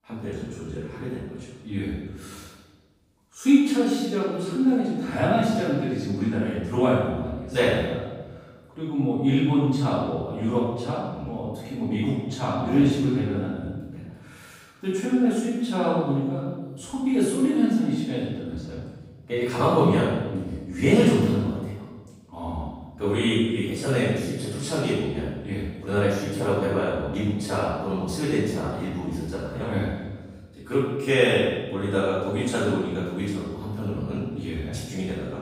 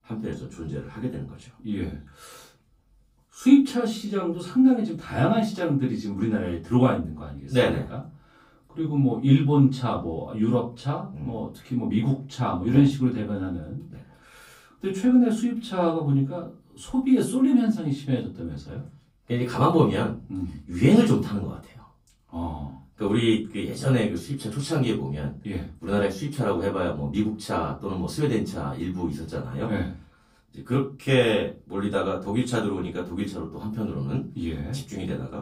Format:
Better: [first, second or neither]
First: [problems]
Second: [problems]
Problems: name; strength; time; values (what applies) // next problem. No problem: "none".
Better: second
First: room echo; strong; dies away in 1.1 s // off-mic speech; far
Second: room echo; slight; dies away in 0.3 s // off-mic speech; far